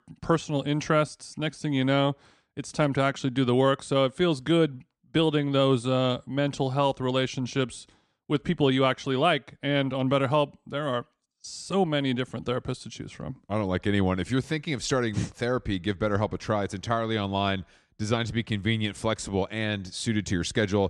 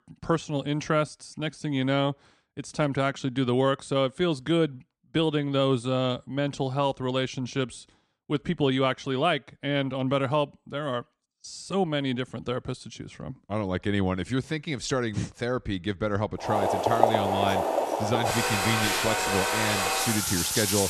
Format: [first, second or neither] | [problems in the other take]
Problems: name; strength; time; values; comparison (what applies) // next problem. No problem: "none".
first | household noises; very loud; from 16 s on; 2 dB above the speech